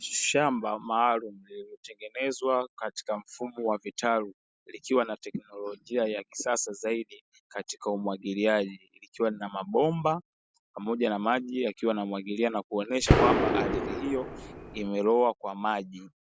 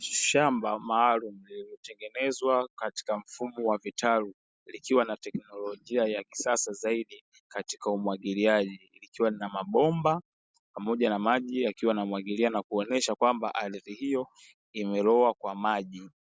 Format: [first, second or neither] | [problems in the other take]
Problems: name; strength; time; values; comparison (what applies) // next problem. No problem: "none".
second | background sound (Gunshot, gunfire); 3 dB above the speech